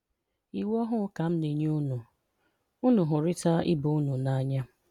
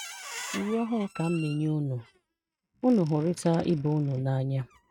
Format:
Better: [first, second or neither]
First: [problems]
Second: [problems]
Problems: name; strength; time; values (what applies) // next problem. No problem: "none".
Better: first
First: none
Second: noise reduction (neural mask model RNNoise)